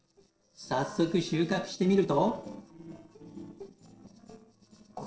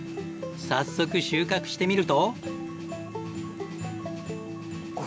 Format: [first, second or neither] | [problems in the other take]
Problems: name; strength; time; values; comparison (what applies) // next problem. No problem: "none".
second | noise reduction (neural separator model SepFormer DNS4)